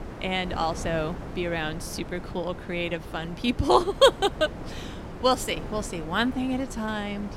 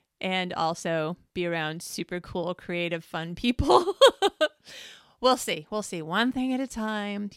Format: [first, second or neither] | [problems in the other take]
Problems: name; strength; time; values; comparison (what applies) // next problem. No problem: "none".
second | wind noise on the microphone; occasional gusts; 15 dB below the speech